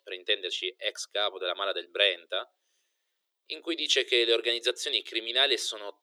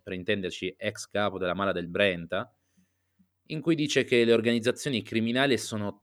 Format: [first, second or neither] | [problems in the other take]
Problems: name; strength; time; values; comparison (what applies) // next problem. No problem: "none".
second | thin; very; fading below 350 Hz